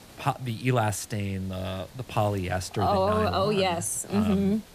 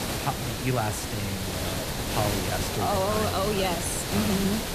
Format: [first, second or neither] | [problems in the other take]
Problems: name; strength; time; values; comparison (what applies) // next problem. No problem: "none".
first | hiss; loud; throughout; 1 dB below the speech; faint in the first